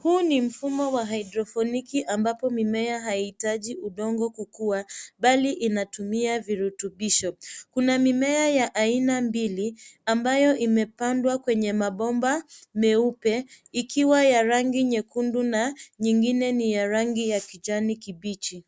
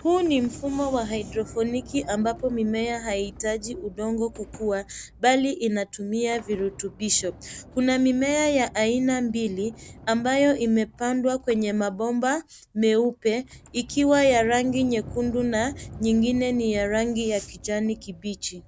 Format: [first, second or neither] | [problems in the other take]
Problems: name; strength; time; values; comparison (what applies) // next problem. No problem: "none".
first | background sound (Sliding door); 18 dB below the speech